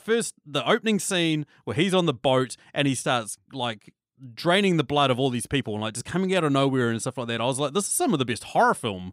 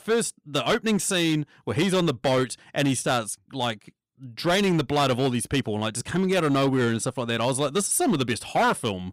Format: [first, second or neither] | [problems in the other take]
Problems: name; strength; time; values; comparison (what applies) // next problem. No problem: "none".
first | distortion; slight; 9% of the sound clipped